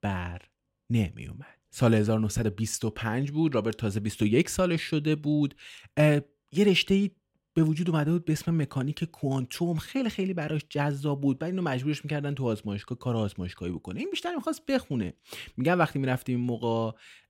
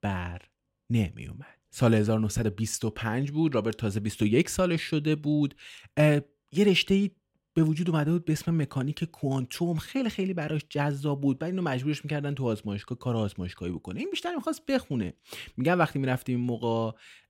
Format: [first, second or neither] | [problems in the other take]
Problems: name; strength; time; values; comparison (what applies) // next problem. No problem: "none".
neither | none